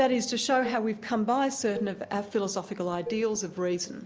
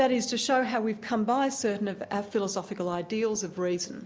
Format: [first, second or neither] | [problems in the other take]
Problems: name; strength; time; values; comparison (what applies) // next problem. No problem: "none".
second | background sound (Dishes, pots, and pans); 15 dB below the speech